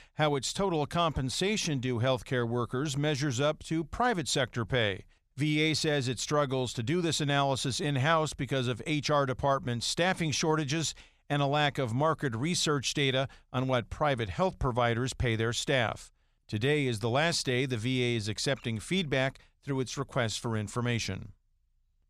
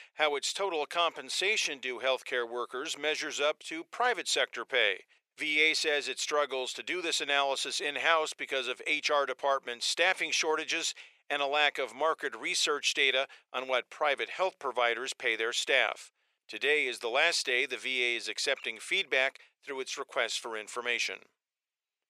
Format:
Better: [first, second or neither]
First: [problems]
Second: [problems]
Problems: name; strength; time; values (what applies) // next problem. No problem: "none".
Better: first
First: none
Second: thin; very; fading below 400 Hz